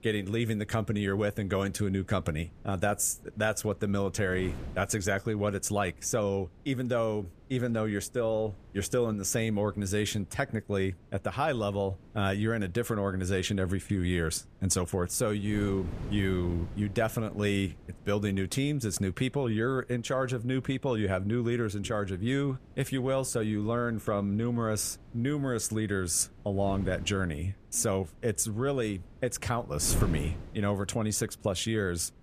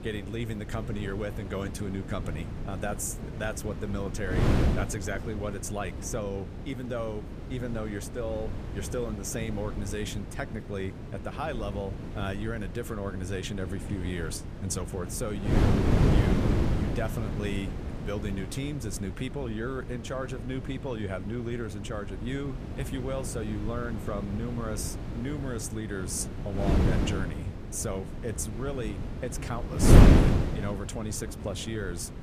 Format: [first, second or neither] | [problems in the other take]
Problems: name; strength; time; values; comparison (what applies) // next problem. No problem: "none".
first | wind noise on the microphone; heavy; 1 dB below the speech; occasional gusts in the first